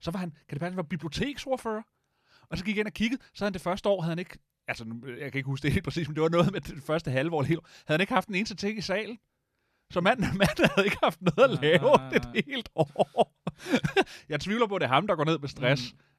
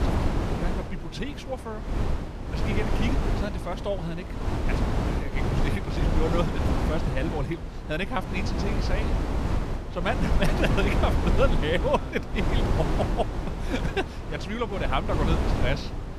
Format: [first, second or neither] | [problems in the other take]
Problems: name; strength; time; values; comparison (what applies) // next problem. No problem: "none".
first | wind noise on the microphone; heavy; 3 dB below the speech